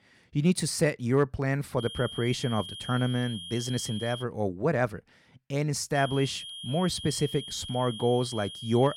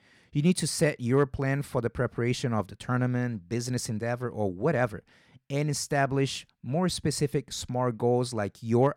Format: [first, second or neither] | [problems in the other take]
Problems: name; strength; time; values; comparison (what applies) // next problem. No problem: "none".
second | high-pitched whine; loud; from 2 to 4 s and from 6 s on; 3 kHz, 10 dB below the speech